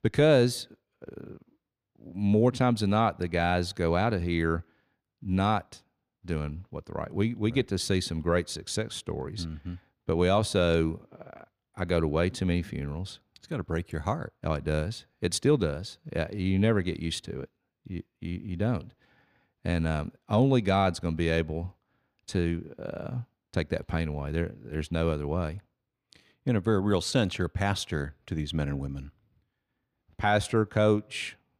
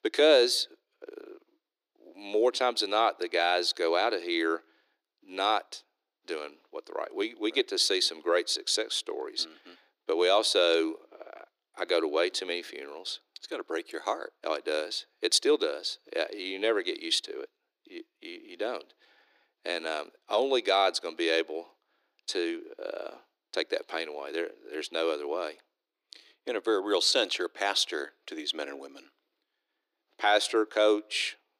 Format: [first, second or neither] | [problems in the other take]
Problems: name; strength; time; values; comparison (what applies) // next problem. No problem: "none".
first | thin; very; fading below 300 Hz